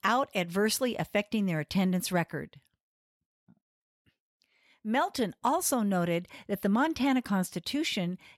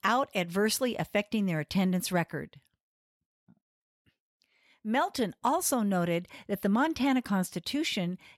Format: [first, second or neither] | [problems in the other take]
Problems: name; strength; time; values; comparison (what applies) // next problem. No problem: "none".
neither | none